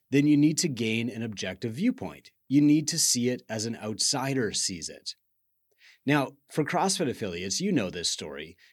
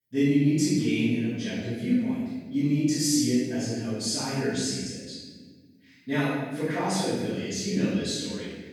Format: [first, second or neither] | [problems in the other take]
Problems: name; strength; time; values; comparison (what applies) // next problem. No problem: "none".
first | off-mic speech; far // room echo; strong; dies away in 1.4 s